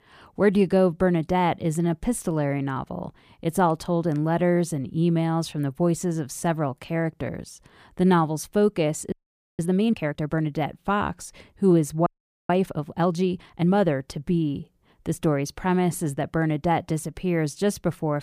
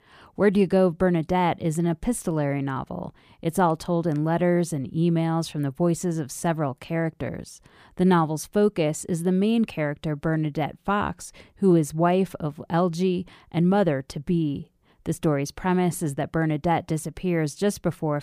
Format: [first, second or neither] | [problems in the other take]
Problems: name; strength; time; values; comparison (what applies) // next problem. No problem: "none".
second | audio freezing; at 9 s and at 12 s